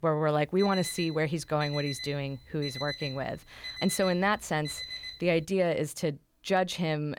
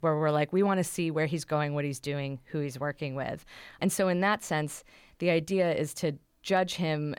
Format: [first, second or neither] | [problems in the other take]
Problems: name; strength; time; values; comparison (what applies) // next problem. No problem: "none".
second | alarm; noticeable; from 0.5 to 5.5 s; peak 7 dB below the speech